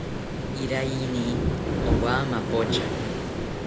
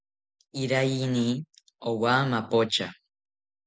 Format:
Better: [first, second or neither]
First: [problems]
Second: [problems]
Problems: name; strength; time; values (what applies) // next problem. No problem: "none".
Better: second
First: background sound (Waves, surf); 3 dB above the speech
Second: none